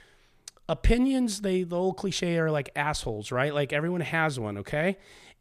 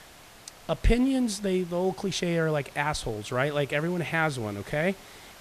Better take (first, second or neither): first